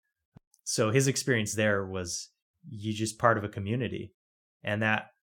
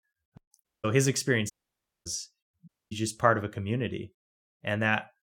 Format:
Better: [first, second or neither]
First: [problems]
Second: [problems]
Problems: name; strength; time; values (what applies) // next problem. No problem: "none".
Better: first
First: none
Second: audio cutting out; at 0.5 s, at 1.5 s for 0.5 s and at 2.5 s